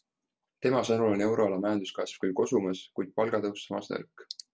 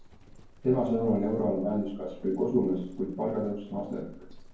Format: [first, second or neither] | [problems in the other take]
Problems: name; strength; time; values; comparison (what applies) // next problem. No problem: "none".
first | background sound (Livestock, farm animals, working animals); 18 dB below the speech // room echo; dies away in 0.9 s